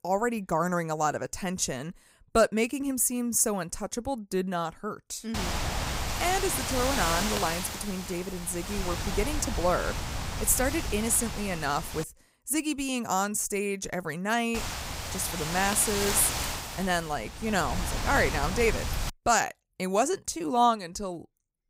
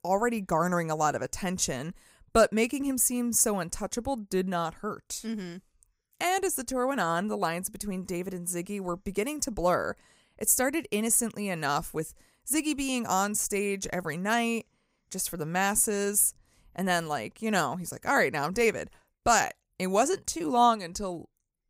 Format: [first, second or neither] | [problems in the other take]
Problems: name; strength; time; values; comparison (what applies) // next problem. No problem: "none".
second | wind noise on the microphone; heavy; from 5.5 to 12 s and from 15 to 19 s; 5 dB below the speech